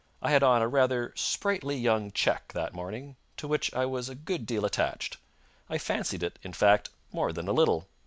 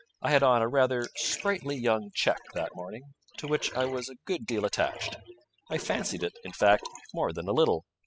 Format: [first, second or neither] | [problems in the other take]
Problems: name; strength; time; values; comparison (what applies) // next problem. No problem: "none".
first | noise reduction (classical method spectral subtraction)